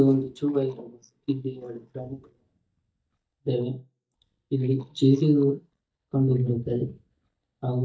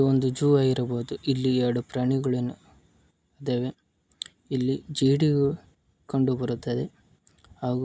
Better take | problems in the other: second | noise reduction (neural mask model DeepFilterNet 3)

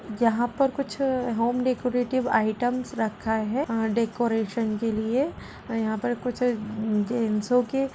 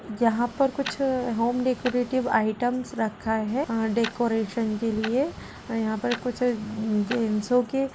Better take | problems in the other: first | background sound (Tick-tock); 16 dB below the speech

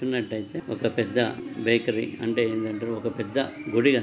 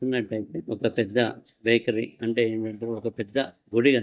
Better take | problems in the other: first | noise reduction (neural mask model DeepFilterNet 3)

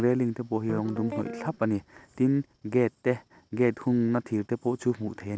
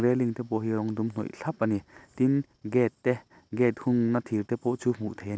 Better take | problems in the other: second | background sound (Guitar); 10 dB below the speech

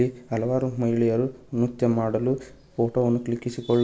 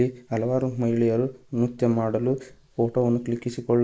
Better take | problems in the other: first | noise reduction (neural mask model Resemble Enhance denoiser)

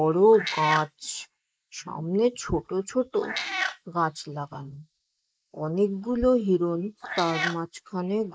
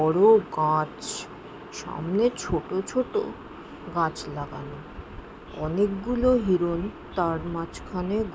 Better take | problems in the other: second | noise reduction (neural mask model Resemble Enhance denoiser)

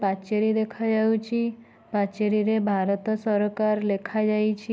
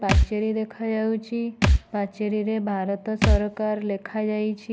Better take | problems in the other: first | background sound (Thump, thud); 1 dB above the speech

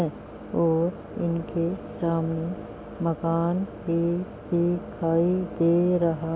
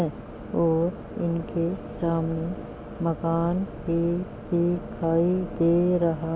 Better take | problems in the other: first | background sound (Engine); 17 dB below the speech

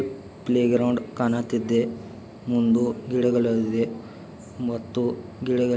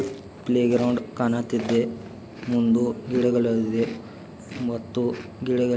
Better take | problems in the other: first | background sound (Chewing, mastication); 18 dB below the speech

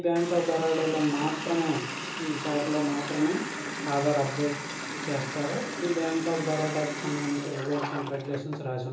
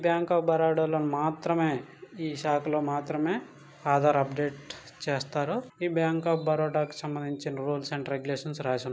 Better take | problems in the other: second | background sound (Water tap, faucet); 7 dB below the speech // room echo; dies away in 1.2 s

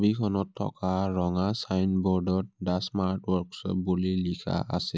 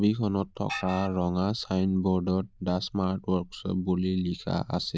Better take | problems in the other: first | noise reduction (neural diffusion model UNIVERSE++)

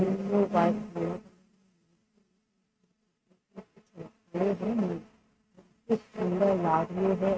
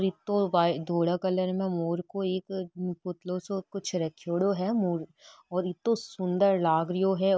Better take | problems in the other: second | noise reduction (neural mask model RNNoise)

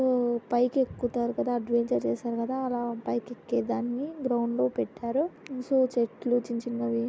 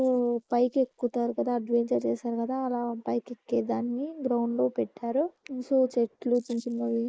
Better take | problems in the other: first | noise reduction (neural mask model Resemble Enhance denoiser)

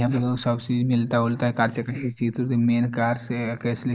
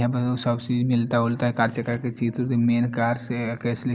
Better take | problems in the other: second | noise reduction (neural mask model Resemble Enhance denoiser)

